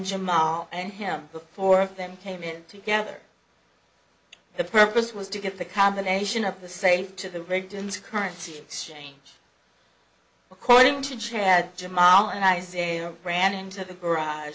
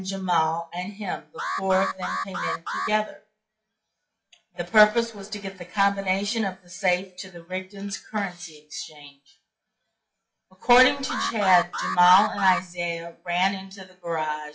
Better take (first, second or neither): first